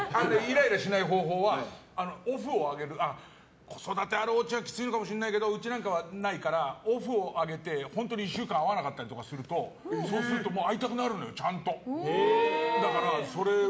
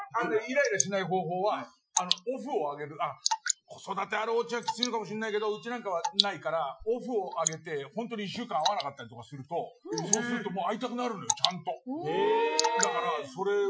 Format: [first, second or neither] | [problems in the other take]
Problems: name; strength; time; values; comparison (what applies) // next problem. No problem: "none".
first | noise reduction (classical method Wiener filter)